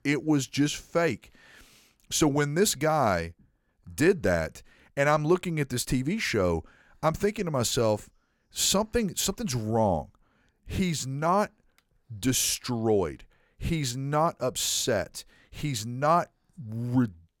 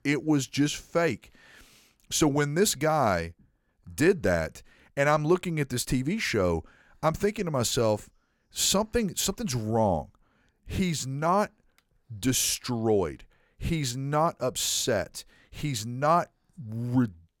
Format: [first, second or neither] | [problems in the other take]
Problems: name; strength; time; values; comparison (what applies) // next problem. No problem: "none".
neither | none